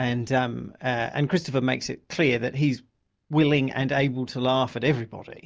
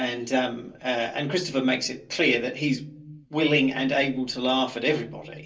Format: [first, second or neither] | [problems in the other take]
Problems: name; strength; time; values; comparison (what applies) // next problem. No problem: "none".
first | room echo; dies away in 0.3 s